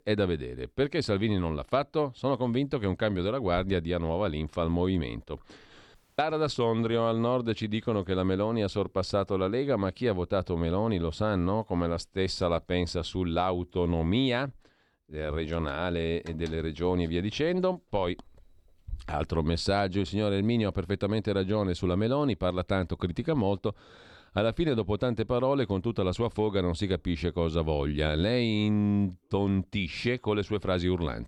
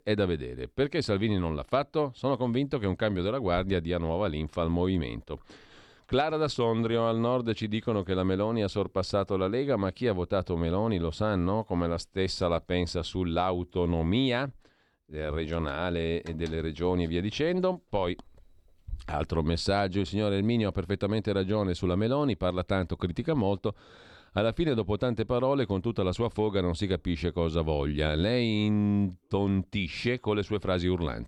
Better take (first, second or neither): second